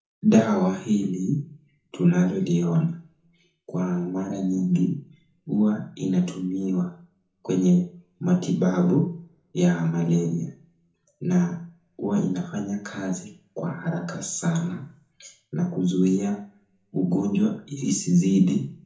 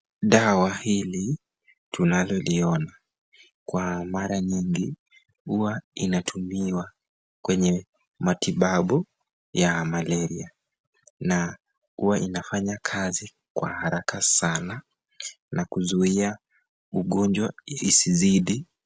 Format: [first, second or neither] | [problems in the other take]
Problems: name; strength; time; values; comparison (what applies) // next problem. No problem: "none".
second | room echo; dies away in 0.6 s